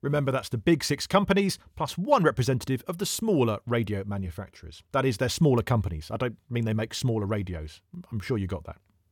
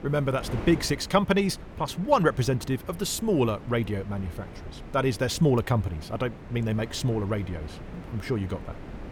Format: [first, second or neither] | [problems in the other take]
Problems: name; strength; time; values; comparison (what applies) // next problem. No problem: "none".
first | wind noise on the microphone; occasional gusts; 15 dB below the speech